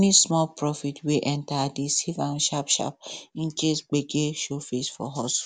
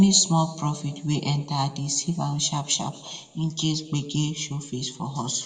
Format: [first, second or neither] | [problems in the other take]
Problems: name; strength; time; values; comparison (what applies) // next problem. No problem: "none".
first | room echo; dies away in 1.6 s